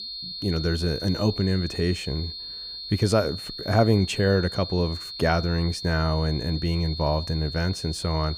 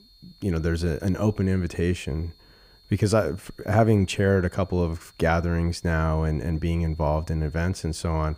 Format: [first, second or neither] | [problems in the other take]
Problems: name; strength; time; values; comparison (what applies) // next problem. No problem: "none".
second | high-pitched whine; loud; throughout; 4.5 kHz, 8 dB below the speech; faint in the second